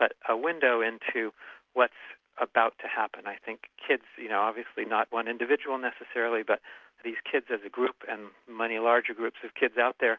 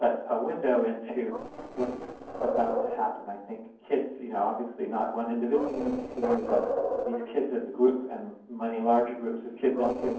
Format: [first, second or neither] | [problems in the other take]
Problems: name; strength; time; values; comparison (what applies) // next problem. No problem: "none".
first | noise reduction (neural separator model SepFormer DNS4)